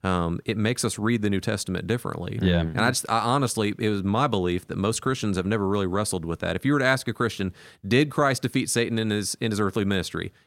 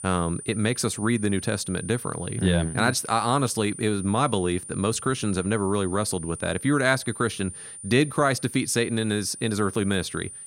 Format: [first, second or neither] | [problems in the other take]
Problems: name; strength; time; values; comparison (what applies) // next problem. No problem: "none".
first | high-pitched whine; noticeable; throughout; 9.5 kHz, 10 dB below the speech